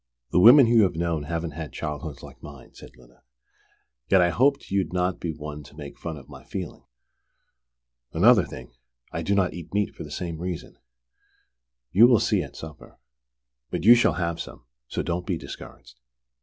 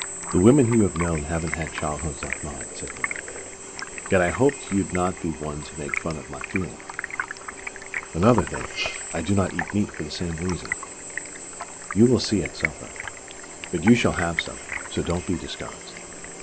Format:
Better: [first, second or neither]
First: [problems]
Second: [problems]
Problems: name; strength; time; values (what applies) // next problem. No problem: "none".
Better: first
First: none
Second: background sound (Stream + Drill); 7 dB below the speech